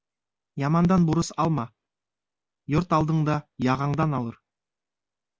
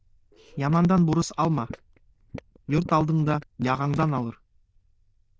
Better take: first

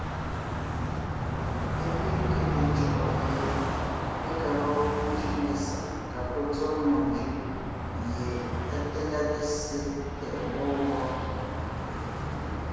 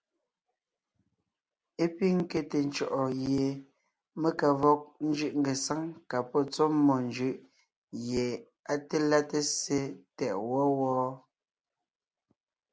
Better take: second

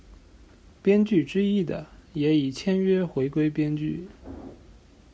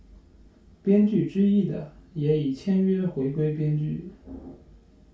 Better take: first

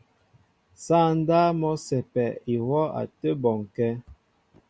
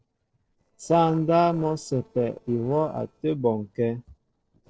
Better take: first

